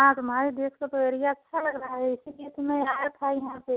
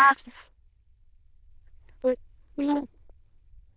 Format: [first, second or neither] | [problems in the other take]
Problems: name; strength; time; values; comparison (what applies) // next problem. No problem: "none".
first | noise reduction (neural diffusion model UNIVERSE++)